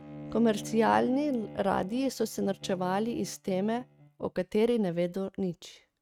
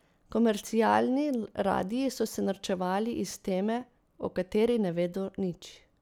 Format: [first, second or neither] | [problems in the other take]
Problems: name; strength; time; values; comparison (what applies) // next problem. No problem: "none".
second | noise reduction (neural mask model RNNoise)